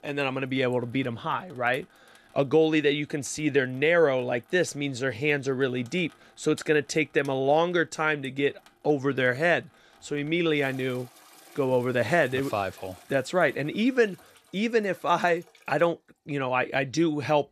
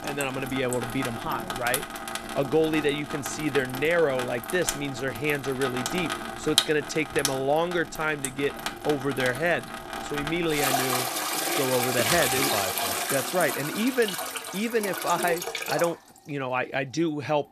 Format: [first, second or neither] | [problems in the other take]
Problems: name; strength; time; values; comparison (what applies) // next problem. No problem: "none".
first | household noises; loud; throughout; 2 dB below the speech; faint in the first